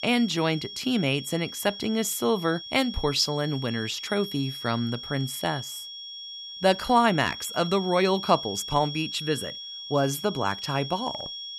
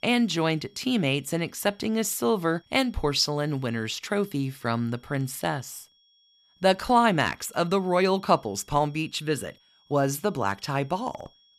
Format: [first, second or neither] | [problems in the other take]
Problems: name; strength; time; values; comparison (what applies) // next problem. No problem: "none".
second | high-pitched whine; loud; throughout; 3.5 kHz, 9 dB below the speech; faint in the second